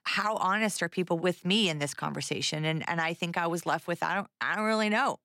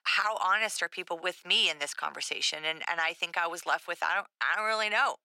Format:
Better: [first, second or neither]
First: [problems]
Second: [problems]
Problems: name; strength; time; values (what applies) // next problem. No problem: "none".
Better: first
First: none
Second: thin; very; fading below 650 Hz